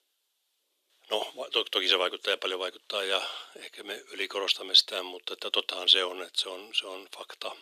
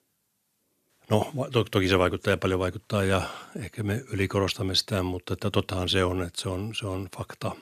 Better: second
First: thin; very; fading below 400 Hz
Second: none

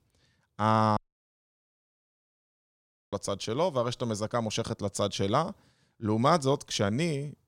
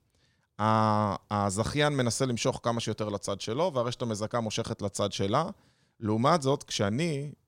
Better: second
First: audio cutting out; at 1 s for 2 s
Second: none

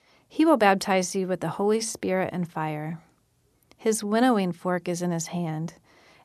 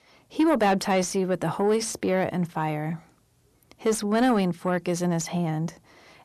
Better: first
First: none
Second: distortion; slight; 10 dB below the speech

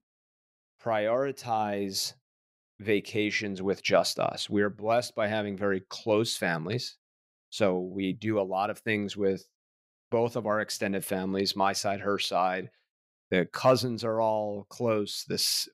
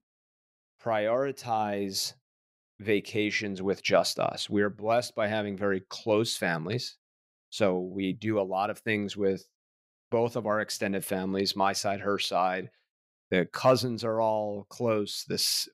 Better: neither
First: none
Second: none

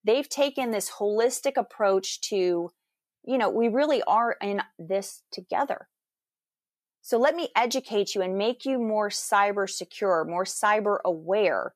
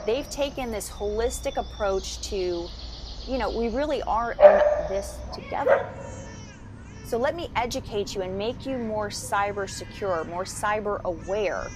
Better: first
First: none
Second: animal sounds; very loud; throughout; 4 dB above the speech

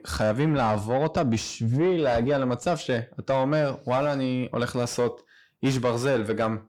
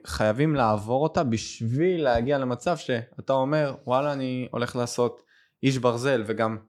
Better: second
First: distortion; slight; 10 dB below the speech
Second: none

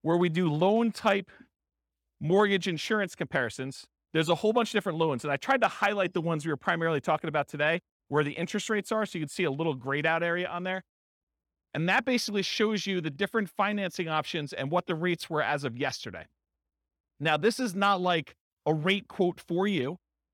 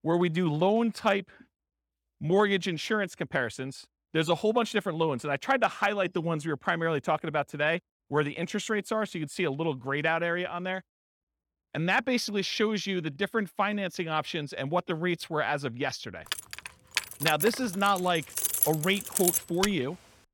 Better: first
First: none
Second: jangling keys; loud; from 16 to 20 s; peak 4 dB above the speech

